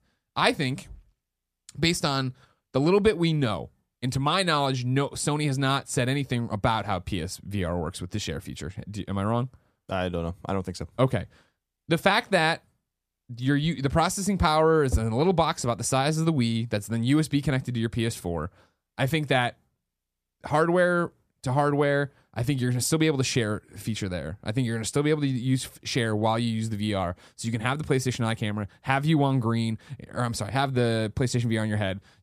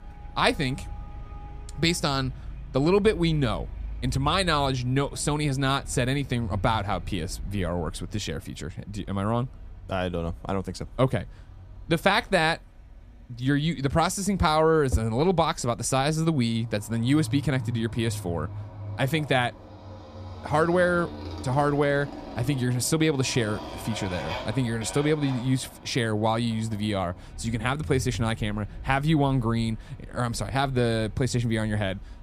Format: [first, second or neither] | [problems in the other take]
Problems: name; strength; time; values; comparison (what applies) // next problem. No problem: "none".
first | traffic noise; noticeable; throughout; 15 dB below the speech